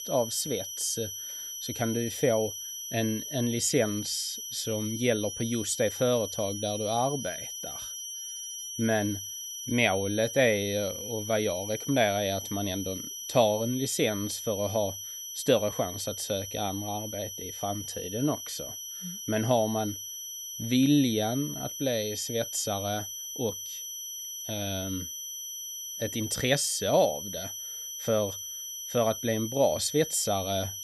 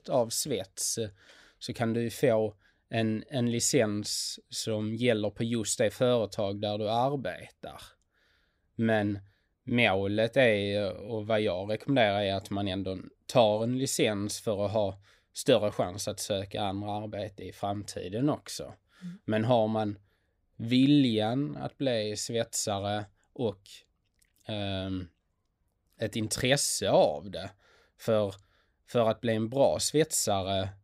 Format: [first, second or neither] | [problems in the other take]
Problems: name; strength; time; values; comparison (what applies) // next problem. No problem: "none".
second | high-pitched whine; loud; throughout; 6 kHz, 7 dB below the speech